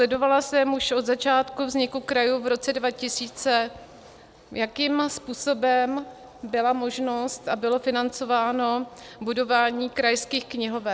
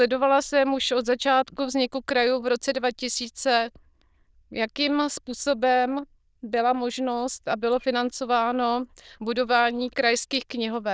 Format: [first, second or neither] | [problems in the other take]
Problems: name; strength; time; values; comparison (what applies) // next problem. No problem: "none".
first | noise reduction (neural diffusion model UNIVERSE++)